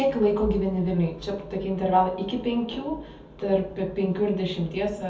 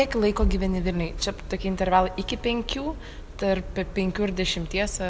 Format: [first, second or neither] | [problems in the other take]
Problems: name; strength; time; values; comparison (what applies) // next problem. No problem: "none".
second | room echo; dies away in 0.5 s